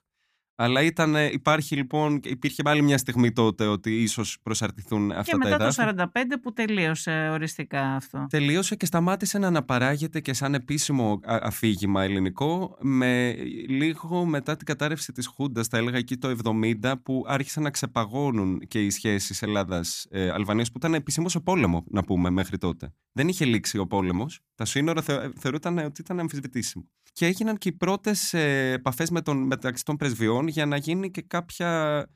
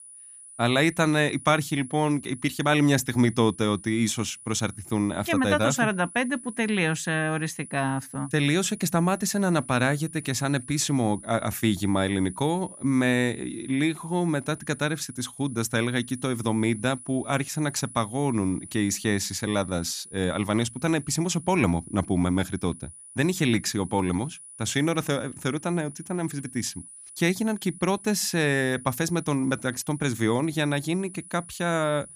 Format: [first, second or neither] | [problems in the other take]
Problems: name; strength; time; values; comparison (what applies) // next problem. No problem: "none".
first | high-pitched whine; noticeable; throughout; 10 kHz, 15 dB below the speech